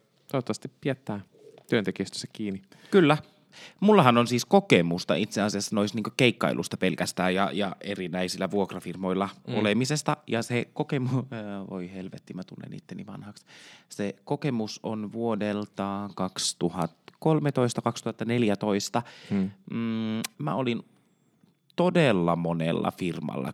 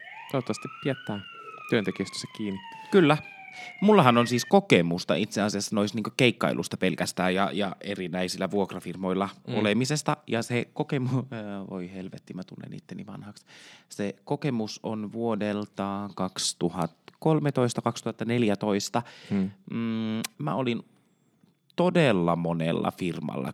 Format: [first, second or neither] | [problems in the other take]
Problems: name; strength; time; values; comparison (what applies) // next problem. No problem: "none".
first | siren; faint; until 4.5 s; peak 10 dB below the speech